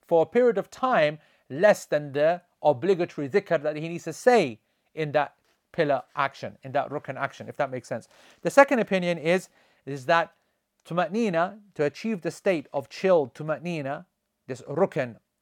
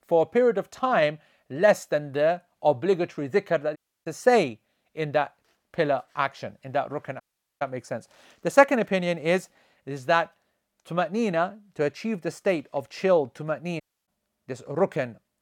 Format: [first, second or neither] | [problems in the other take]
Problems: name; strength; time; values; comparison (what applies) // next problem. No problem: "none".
first | audio cutting out; at 4 s, at 7 s and at 14 s